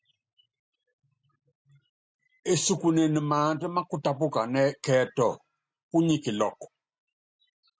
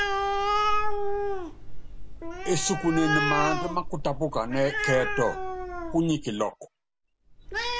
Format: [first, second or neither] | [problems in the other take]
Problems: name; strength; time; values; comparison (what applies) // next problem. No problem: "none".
first | background sound (Animal); 1 dB above the speech